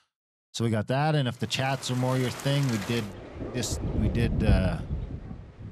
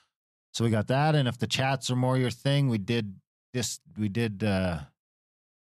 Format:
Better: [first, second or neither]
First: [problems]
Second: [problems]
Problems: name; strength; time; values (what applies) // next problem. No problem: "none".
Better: second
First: rain or running water; loud; from 1.5 s on; 4 dB below the speech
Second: none